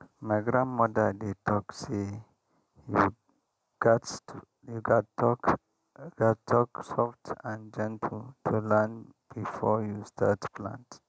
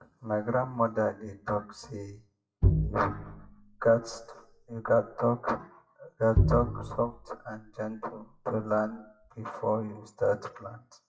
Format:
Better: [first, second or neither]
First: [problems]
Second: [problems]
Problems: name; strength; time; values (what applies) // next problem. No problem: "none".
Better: first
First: none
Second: noise reduction (classical method WPE with log-MMSE)